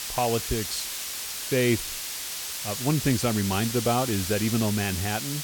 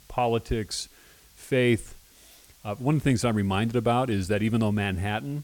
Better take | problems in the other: second | hiss; loud; throughout; 4 dB below the speech; faint in the second

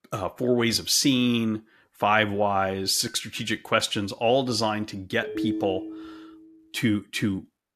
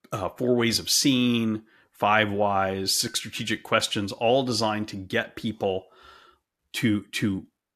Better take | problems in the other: second | phone ringing; noticeable; from 5 to 6.5 s; peak 5 dB below the speech

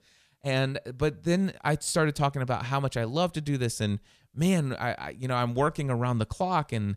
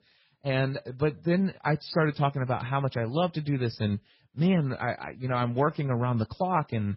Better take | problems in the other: first | garbled, watery; badly; nothing above 5.5 kHz

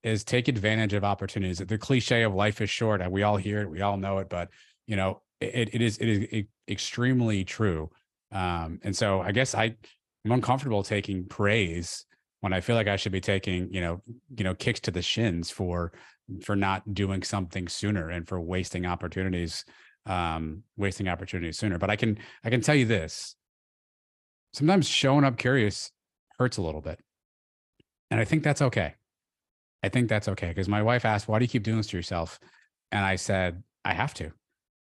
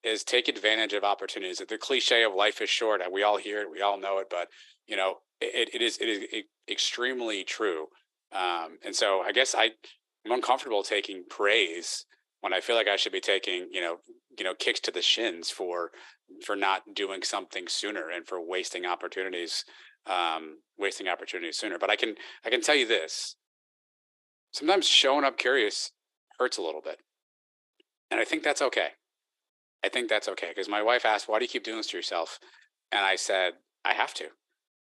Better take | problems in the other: first | thin; very; fading below 350 Hz

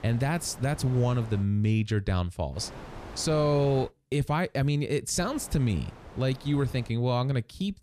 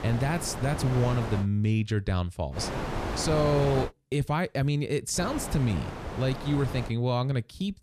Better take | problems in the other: first | wind noise on the microphone; heavy; until 1.5 s, from 2.5 to 4 s and from 5 to 7 s; 4 dB below the speech; occasional gusts in the first

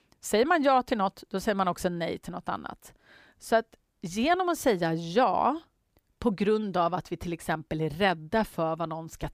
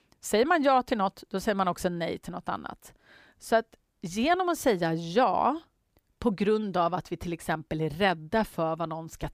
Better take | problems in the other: neither | none

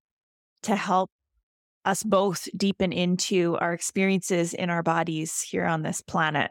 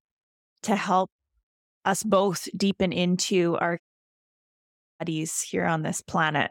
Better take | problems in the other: first | audio cutting out; at 4 s for 1 s

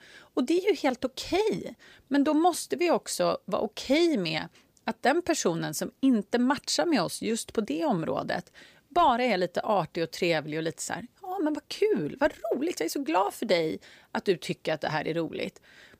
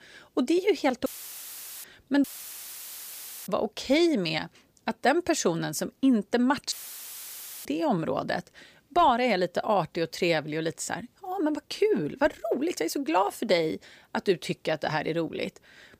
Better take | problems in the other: first | audio cutting out; filled with static; at 1 s for 1 s, at 2 s for 1 s and at 6.5 s for 1 s

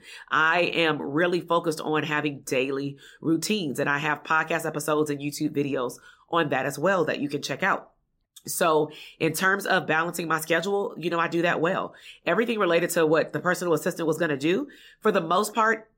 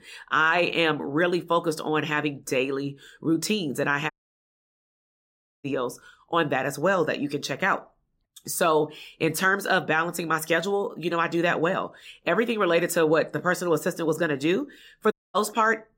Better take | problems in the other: first | audio cutting out; at 4 s for 1.5 s and at 15 s

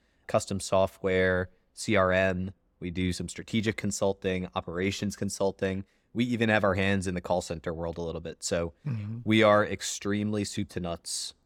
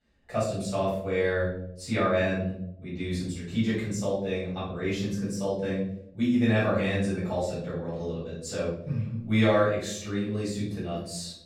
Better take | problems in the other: first | off-mic speech; far // room echo; noticeable; dies away in 0.8 s

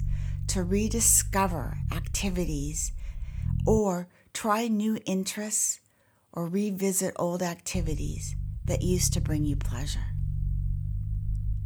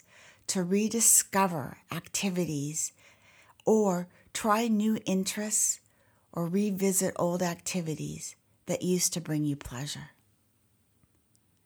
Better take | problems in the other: second | low rumble; noticeable; until 4 s and from 8 s on; 15 dB below the speech

